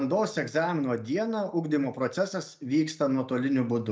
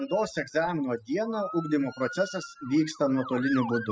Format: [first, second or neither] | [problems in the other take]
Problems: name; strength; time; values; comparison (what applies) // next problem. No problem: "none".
first | noise reduction (classical method spectral subtraction)